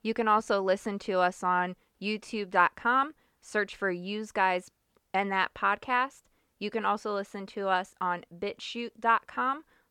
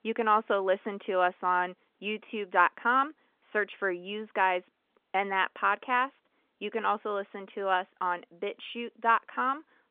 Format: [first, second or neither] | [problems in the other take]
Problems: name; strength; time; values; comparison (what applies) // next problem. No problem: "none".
first | phone-call audio